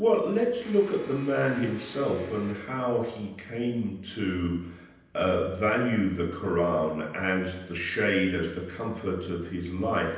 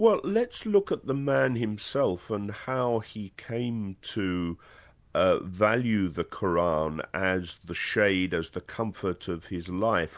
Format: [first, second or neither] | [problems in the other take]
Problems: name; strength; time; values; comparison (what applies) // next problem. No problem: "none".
second | background sound (Domestic sounds, home sounds); 18 dB below the speech // room echo; dies away in 0.9 s